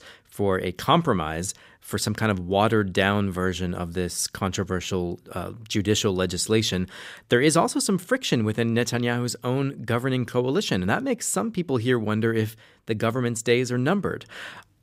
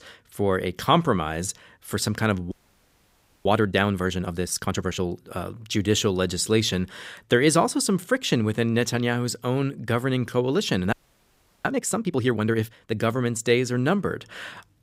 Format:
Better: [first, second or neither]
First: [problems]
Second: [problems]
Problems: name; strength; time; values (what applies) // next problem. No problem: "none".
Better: first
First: none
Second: audio freezing; at 2.5 s for 1 s and at 11 s for 0.5 s